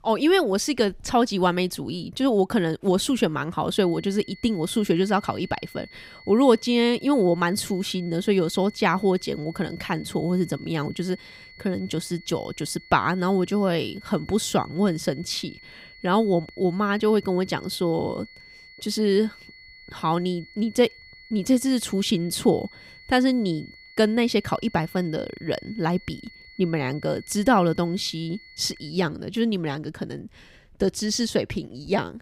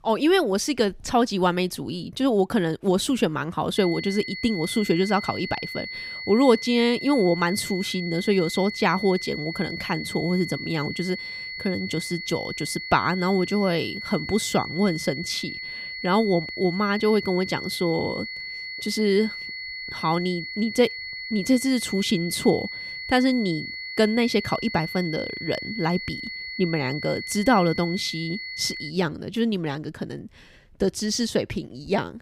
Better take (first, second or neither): first